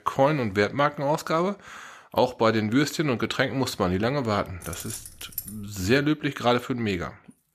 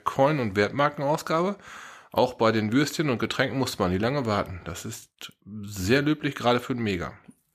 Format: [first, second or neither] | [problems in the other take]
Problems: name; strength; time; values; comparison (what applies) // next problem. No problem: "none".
second | jangling keys; noticeable; at 4.5 s; peak 10 dB below the speech